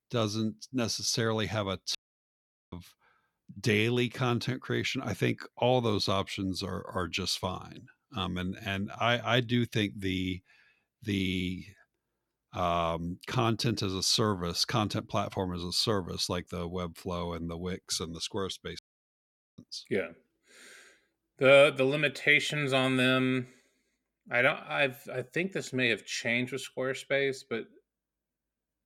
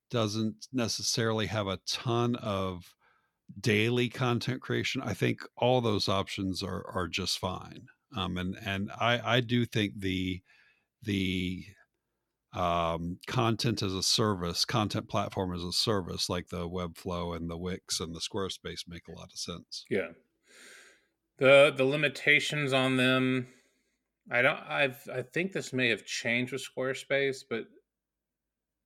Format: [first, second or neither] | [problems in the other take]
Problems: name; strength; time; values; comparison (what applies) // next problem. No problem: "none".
second | audio cutting out; at 2 s for 1 s and at 19 s for 1 s